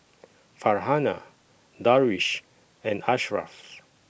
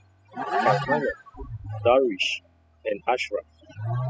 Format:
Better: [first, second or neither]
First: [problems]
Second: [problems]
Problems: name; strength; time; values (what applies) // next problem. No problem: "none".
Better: first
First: none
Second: noise reduction (classical method spectral subtraction)